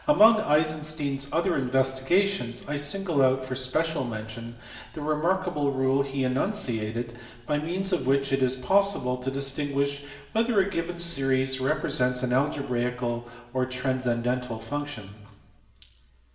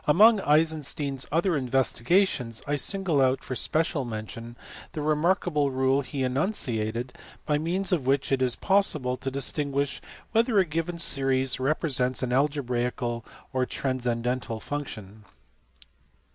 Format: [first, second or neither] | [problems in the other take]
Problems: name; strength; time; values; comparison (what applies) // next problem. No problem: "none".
second | room echo; dies away in 1.2 s